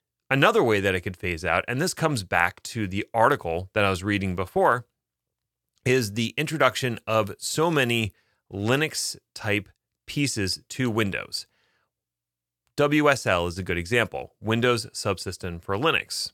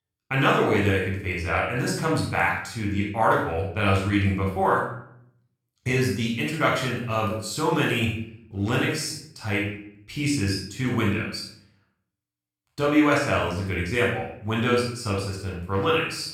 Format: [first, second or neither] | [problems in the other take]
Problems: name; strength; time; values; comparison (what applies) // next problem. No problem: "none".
first | off-mic speech; far // room echo; noticeable; dies away in 0.5 s